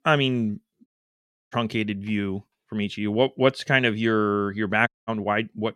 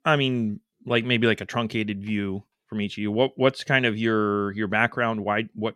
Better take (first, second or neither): second